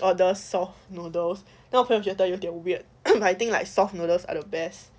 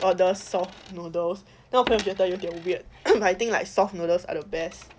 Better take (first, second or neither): first